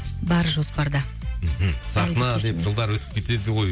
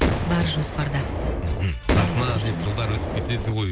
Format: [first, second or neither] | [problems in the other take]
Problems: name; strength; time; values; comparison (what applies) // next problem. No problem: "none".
first | background sound (Boom); 1 dB below the speech